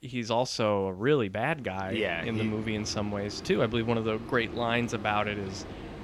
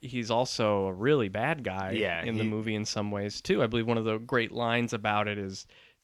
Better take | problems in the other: second | train or aircraft noise; noticeable; from 2 s on; 15 dB below the speech

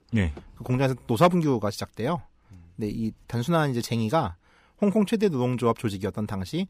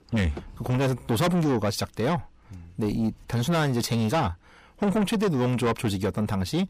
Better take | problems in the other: first | distortion; heavy; 7 dB below the speech

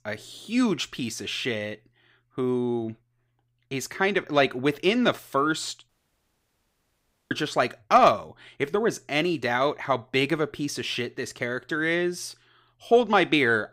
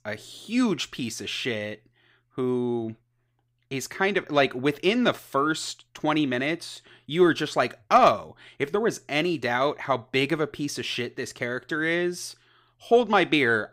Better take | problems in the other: second | audio cutting out; at 6 s for 1.5 s

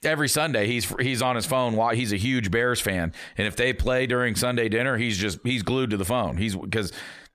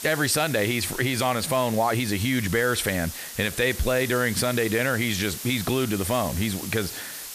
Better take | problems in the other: first | hiss; loud; throughout; 10 dB below the speech

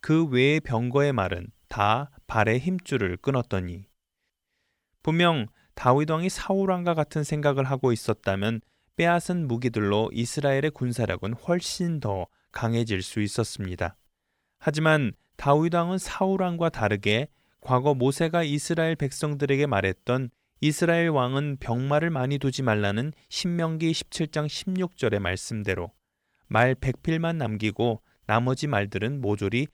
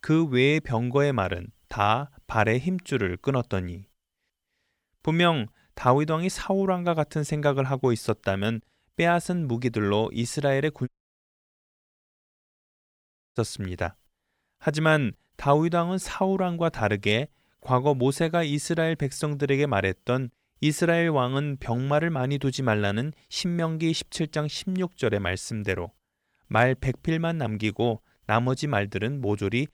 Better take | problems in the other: first | audio cutting out; at 11 s for 2.5 s

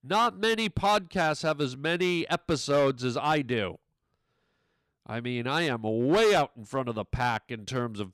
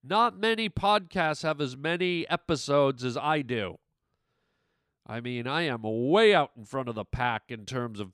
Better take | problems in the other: second | distortion; slight; 5% of the sound clipped

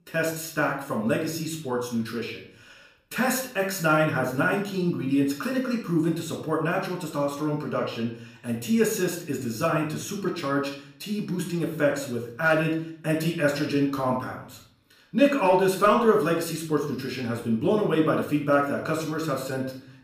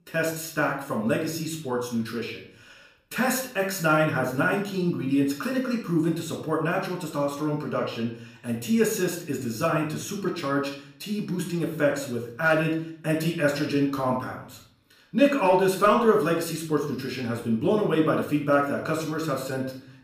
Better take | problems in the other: neither | off-mic speech; far; the same in both // room echo; noticeable; dies away in 0.5 s; the same in both

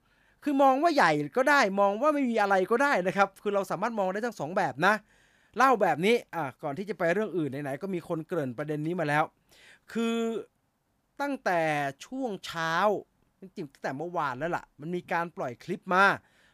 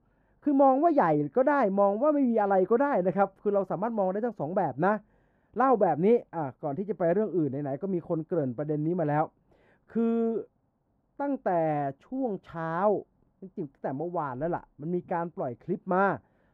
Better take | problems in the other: first | muffled; very; fading above 2 kHz

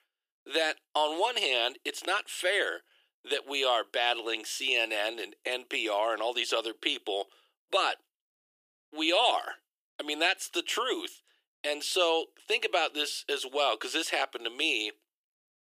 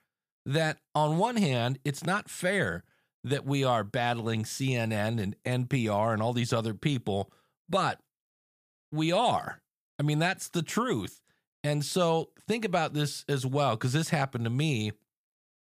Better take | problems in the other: second | thin; very; fading below 350 Hz

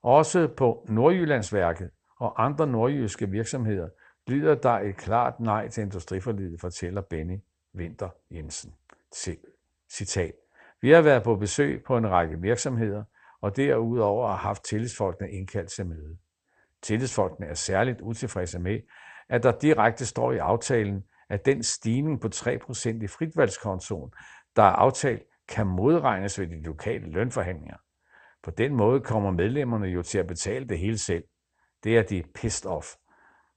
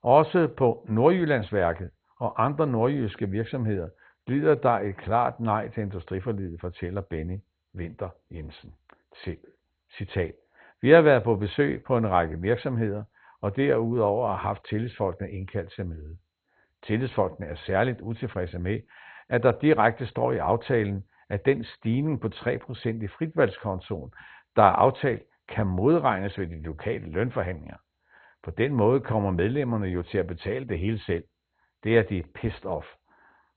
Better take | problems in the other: first | garbled, watery; badly; nothing above 4 kHz; slightly in the first

